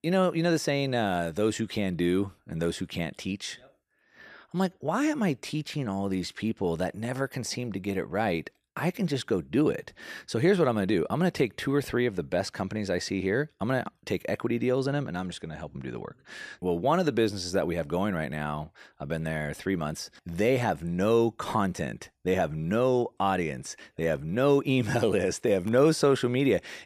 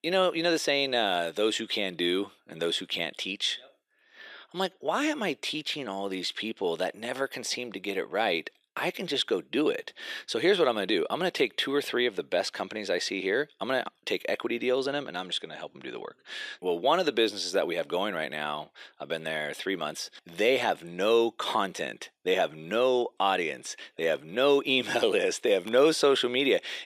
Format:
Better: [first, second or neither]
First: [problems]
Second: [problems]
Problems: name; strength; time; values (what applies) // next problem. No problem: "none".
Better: first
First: none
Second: thin; somewhat; fading below 400 Hz